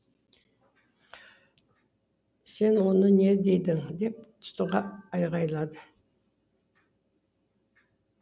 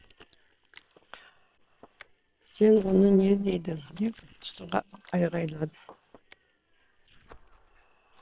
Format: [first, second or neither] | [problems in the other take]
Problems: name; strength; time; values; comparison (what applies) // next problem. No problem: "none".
first | noise reduction (neural separator model SepFormer WHAM!)